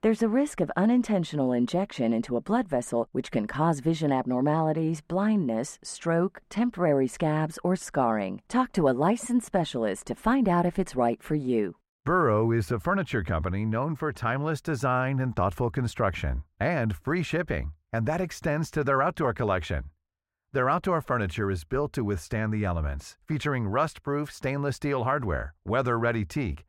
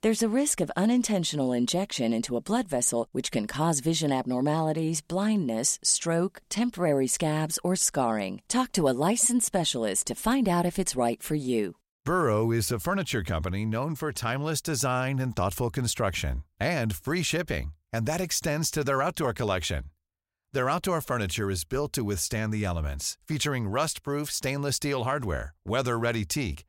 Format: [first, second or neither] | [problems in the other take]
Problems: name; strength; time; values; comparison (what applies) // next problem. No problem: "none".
second | muffled; very; fading above 3 kHz